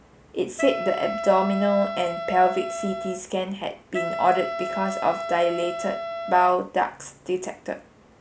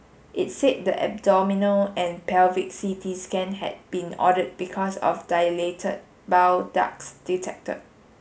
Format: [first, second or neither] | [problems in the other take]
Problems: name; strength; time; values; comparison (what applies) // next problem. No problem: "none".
second | background sound (Wind instrument, woodwind instrument); 6 dB below the speech